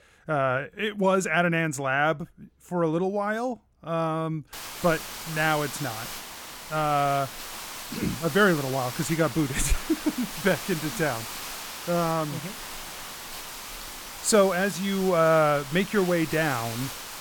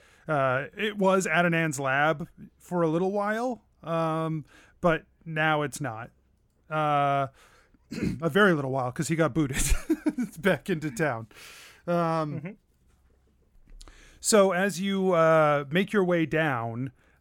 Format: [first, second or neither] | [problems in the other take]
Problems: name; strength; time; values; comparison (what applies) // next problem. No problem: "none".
second | hiss; loud; from 4.5 s on; 10 dB below the speech